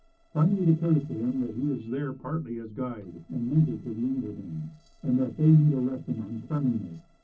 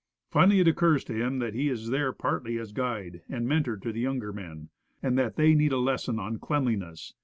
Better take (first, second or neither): second